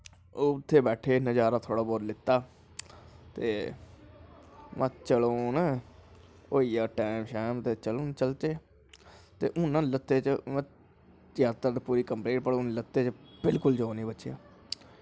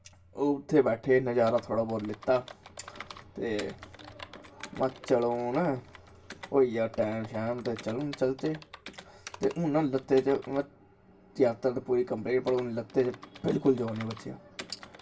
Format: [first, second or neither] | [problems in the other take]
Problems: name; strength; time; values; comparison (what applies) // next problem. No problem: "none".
first | background sound (Computer keyboard); 20 dB below the speech // room echo; dies away in 0.2 s